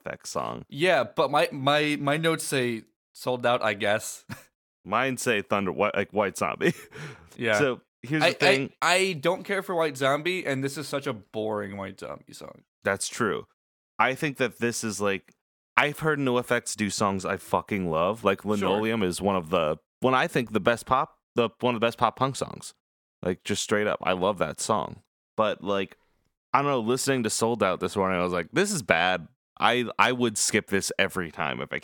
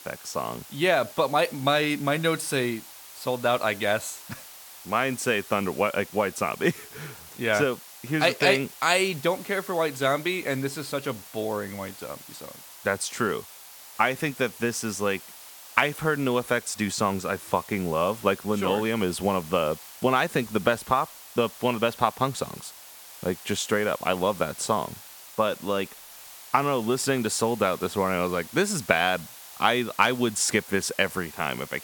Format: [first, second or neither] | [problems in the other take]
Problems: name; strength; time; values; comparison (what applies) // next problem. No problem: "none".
first | hiss; noticeable; throughout; 15 dB below the speech